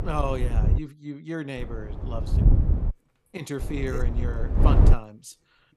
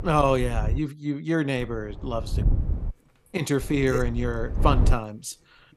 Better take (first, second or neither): second